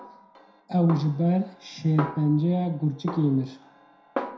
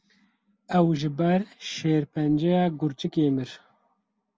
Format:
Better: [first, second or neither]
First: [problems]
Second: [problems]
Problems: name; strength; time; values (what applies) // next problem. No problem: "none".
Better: second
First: background sound (Snare drum); 12 dB below the speech // room echo; dies away in 0.5 s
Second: none